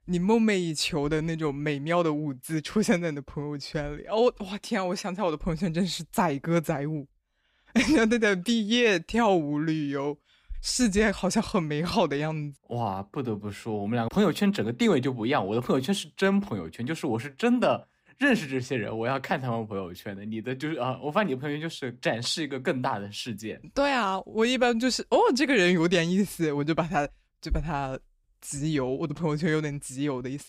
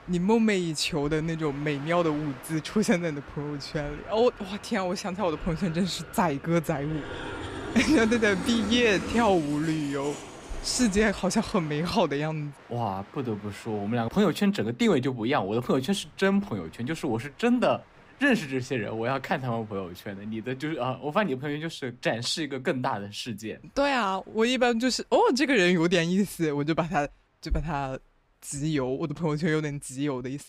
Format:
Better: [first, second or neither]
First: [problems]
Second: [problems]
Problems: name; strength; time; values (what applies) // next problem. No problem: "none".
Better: first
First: none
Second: train or aircraft noise; noticeable; throughout; 15 dB below the speech